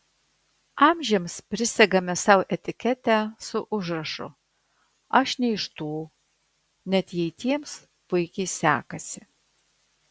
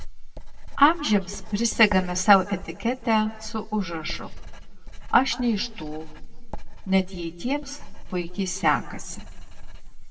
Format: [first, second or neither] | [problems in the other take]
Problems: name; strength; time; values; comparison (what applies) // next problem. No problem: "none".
first | background sound (Writing); 7 dB below the speech // room echo; dies away in 0.9 s